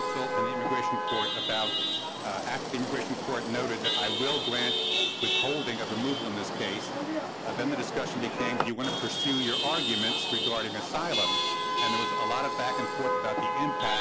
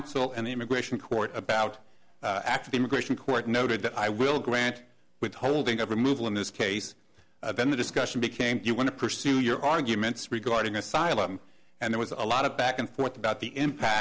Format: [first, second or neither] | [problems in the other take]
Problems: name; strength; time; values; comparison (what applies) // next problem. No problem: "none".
second | background sound (Chatter / Traffic noise, roadway noise / Vehicle horn, car horn, honking / Engine); 3 dB above the speech